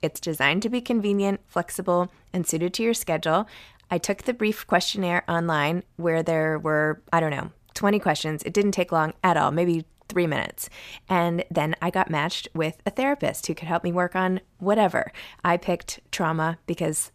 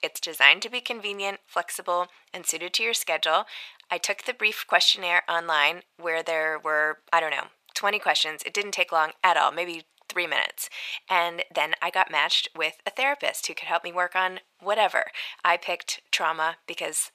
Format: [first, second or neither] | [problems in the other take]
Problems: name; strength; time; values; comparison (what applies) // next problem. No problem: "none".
first | thin; very; fading below 800 Hz